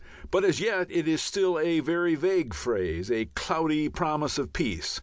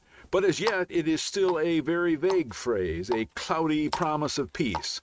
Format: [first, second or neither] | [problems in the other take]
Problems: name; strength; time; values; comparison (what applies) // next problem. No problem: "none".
first | noise reduction (neural mask model RNNoise)